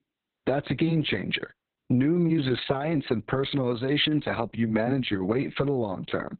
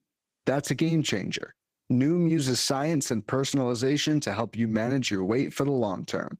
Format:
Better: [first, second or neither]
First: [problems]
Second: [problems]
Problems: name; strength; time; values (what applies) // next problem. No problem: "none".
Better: second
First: garbled, watery; badly; nothing above 4 kHz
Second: garbled, watery; slightly; nothing above 15.5 kHz